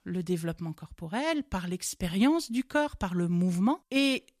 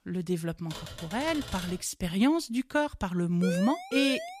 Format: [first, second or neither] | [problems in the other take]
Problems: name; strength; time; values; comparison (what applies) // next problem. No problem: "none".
first | keyboard typing; noticeable; from 0.5 to 2 s; peak 10 dB below the speech // siren; noticeable; at 3.5 s; peak 5 dB below the speech